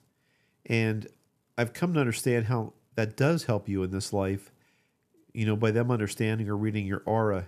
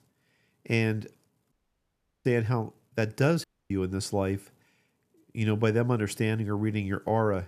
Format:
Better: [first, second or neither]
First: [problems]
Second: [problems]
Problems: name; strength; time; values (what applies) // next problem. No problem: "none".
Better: first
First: none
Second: audio cutting out; at 1.5 s for 0.5 s and at 3.5 s